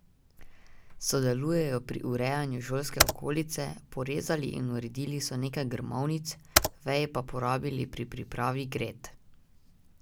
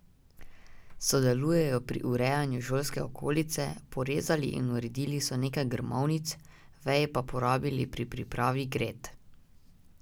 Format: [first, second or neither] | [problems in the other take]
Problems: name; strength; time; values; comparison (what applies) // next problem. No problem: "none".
second | background sound (Computer keyboard); 1 dB above the speech